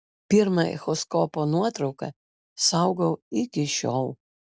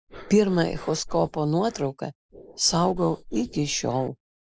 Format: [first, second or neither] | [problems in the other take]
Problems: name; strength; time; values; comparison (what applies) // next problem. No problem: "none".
first | noise reduction (neural mask model Resemble Enhance denoiser)